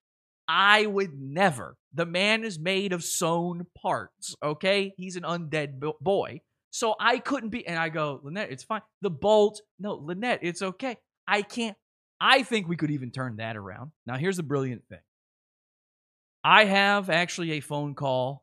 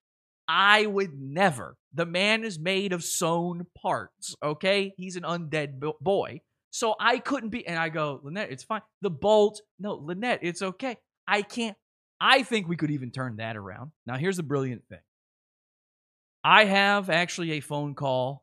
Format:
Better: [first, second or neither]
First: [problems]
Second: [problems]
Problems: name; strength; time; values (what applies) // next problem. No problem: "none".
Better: neither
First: none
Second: none